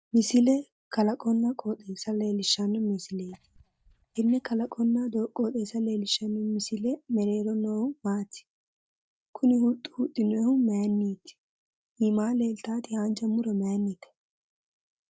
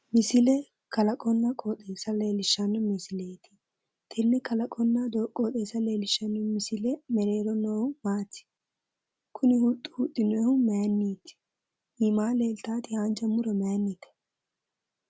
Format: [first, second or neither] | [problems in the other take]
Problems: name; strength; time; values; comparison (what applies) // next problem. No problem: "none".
second | noise reduction (neural mask model DeepFilterNet 3)